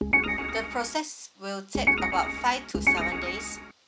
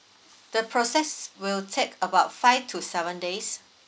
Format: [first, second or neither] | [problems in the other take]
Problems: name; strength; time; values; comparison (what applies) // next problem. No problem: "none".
second | background sound (Organ); 5 dB above the speech